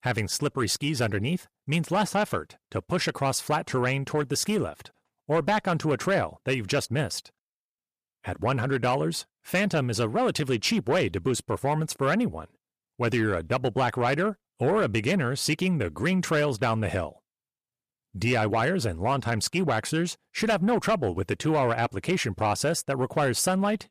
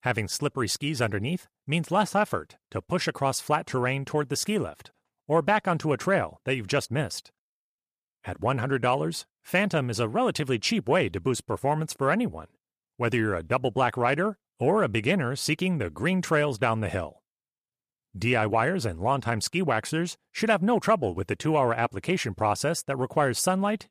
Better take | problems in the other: second | distortion; slight; 10 dB below the speech

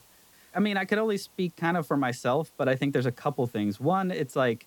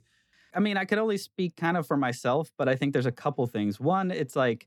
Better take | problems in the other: second | hiss; faint; throughout; 30 dB below the speech

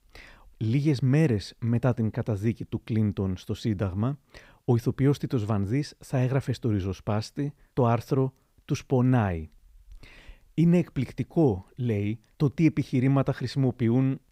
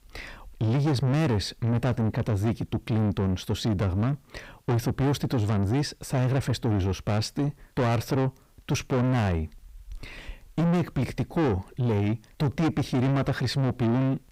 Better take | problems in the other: first | distortion; heavy; 6 dB below the speech

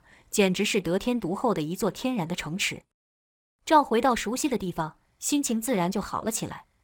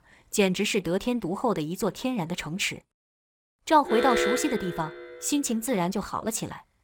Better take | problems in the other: first | alarm; loud; from 4 to 5 s; peak 2 dB above the speech

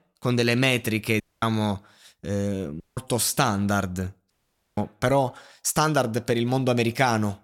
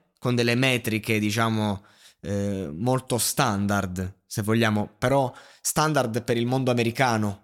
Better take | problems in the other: second | audio cutting out; at 1 s, at 3 s and at 4.5 s

